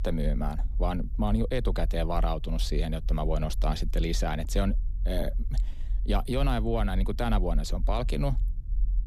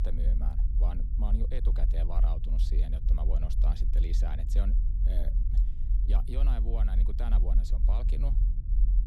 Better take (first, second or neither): first